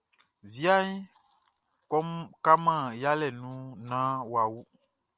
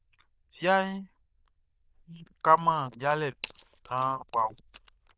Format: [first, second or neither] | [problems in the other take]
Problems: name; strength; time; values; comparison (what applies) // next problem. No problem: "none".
first | noise reduction (neural diffusion model UNIVERSE++)